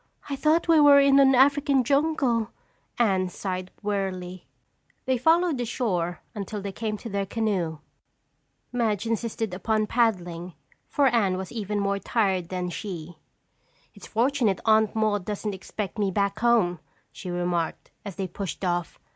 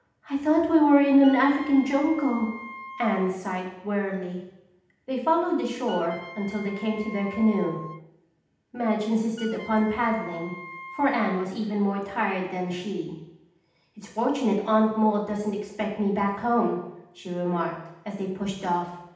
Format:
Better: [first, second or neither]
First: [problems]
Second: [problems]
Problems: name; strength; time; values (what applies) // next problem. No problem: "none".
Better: first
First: none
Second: background sound (Wind instrument, woodwind instrument); 16 dB below the speech // room echo; dies away in 0.8 s